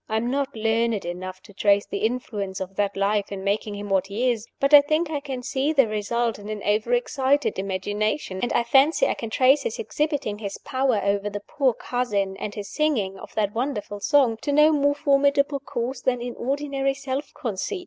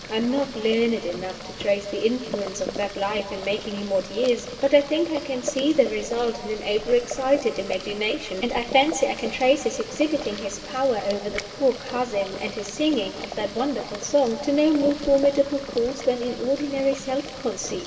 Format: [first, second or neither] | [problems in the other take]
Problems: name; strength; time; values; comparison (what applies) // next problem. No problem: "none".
first | background sound (Boiling); 12 dB below the speech // room echo; dies away in 2.2 s